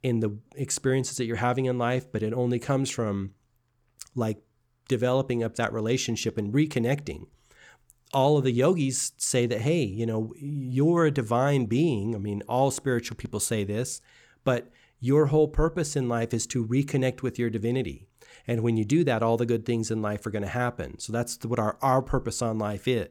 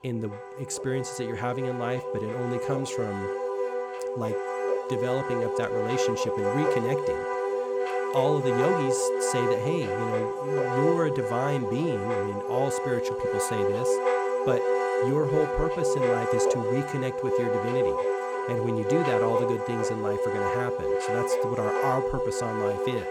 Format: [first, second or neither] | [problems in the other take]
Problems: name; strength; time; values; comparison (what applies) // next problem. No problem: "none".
first | background music; very loud; throughout; 4 dB above the speech